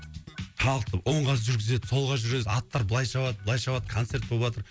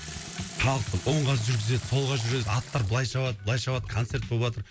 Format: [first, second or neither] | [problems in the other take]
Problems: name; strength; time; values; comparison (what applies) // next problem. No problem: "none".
first | background sound (Sink (filling or washing) / Water tap, faucet); 15 dB below the speech